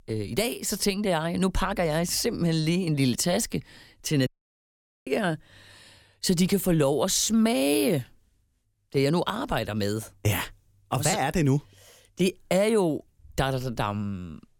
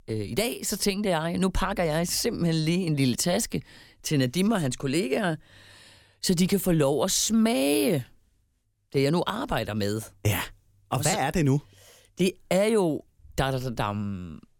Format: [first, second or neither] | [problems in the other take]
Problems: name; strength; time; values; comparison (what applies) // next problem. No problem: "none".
second | audio cutting out; at 4.5 s for 1 s